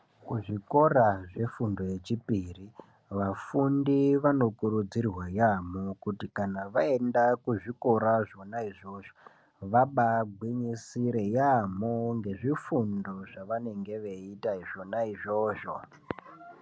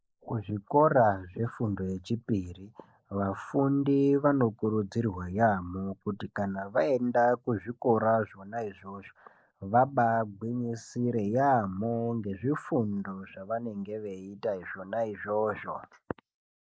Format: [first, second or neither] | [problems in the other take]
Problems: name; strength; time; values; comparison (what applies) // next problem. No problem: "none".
first | noise reduction (neural mask model Resemble Enhance denoiser)